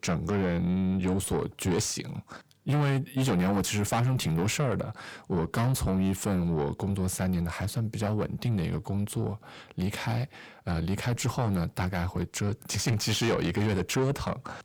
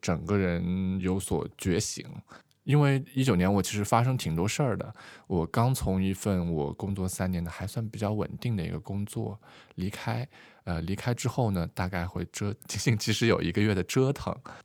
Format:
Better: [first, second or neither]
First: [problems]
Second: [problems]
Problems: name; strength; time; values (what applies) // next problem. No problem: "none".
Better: second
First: distortion; heavy; 8 dB below the speech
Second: none